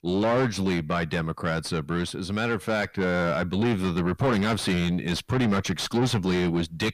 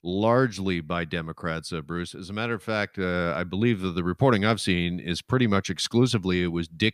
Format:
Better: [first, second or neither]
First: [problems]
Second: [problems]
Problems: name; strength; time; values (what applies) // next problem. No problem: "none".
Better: second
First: distortion; heavy; 6 dB below the speech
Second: none